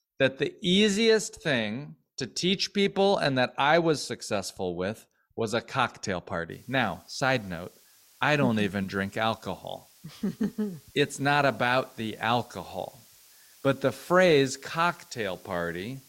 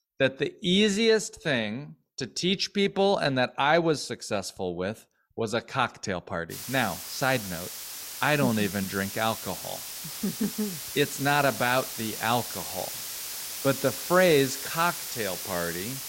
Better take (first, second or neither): first